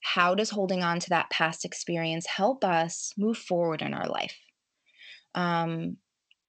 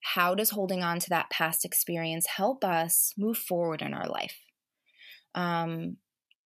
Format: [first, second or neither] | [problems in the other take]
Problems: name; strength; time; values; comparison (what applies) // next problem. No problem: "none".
second | garbled, watery; slightly; nothing above 8 kHz